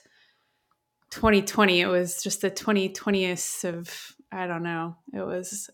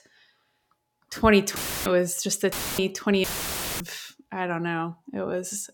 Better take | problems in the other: first | audio cutting out; filled with static; at 1.5 s, at 2.5 s and at 3 s for 0.5 s

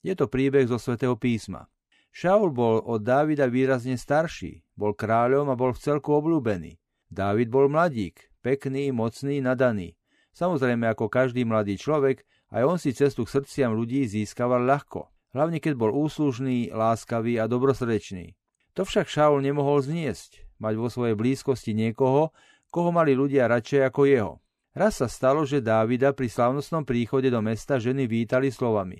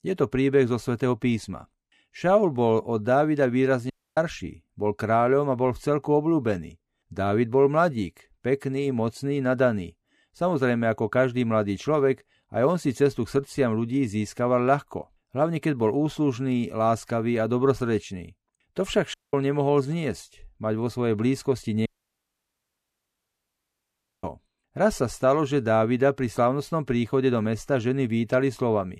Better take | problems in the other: first | audio cutting out; at 4 s, at 19 s and at 22 s for 2.5 s

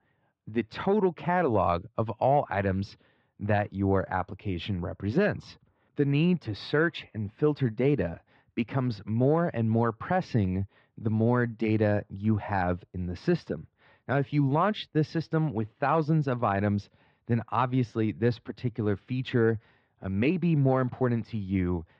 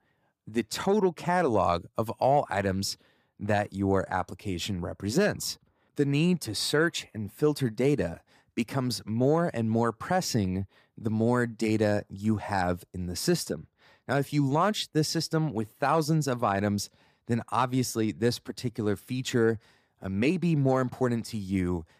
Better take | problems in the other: second | muffled; very; fading above 3.5 kHz

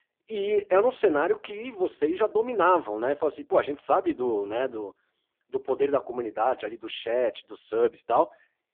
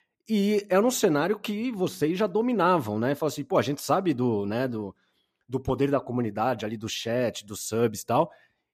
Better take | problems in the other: second | phone-call audio; poor line; nothing above 3.5 kHz

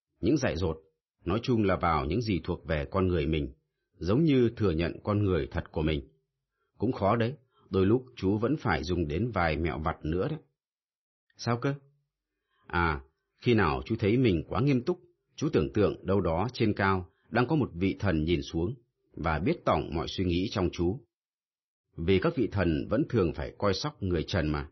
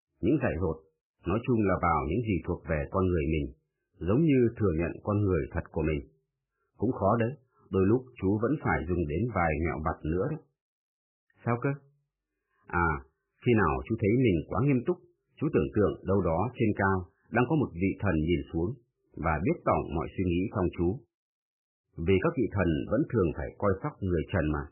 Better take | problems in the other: first | garbled, watery; badly; nothing above 3 kHz; slightly in the first

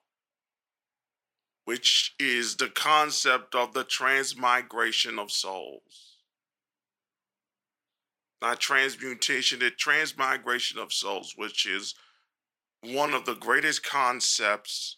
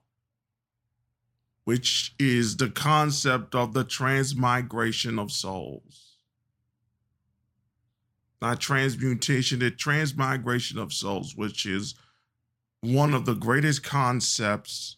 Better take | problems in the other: second | thin; very; fading below 400 Hz

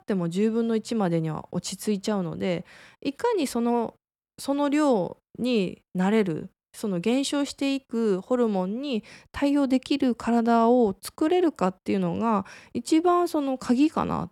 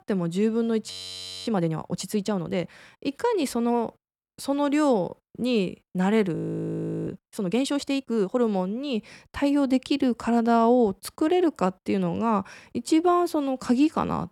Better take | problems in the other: first | audio freezing; at 1 s for 0.5 s and at 6.5 s for 0.5 s

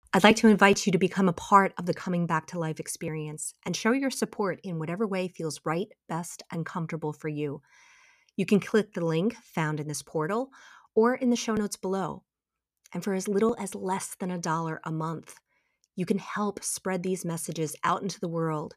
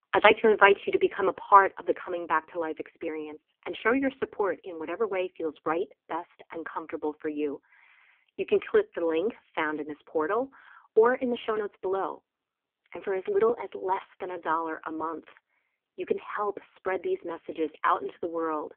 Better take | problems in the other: first | phone-call audio; poor line

